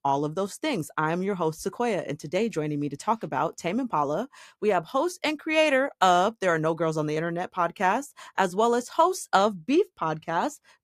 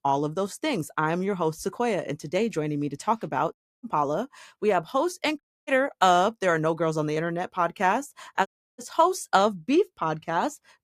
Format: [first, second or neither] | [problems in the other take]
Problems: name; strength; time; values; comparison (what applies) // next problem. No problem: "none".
first | audio cutting out; at 3.5 s, at 5.5 s and at 8.5 s